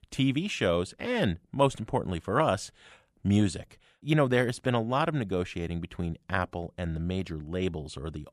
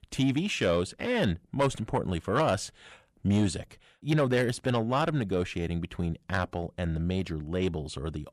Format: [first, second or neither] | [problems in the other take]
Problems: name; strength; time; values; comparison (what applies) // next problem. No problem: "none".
first | distortion; slight; 10 dB below the speech